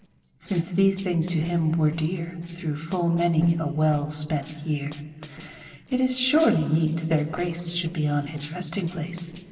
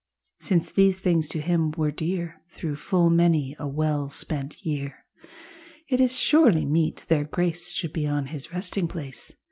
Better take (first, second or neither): second